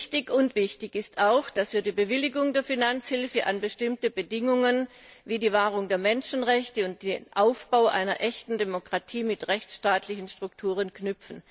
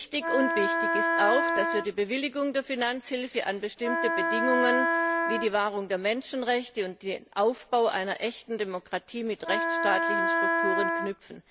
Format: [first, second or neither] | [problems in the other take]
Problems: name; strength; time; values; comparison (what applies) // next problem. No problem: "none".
first | background sound (Wind instrument, woodwind instrument); 2 dB above the speech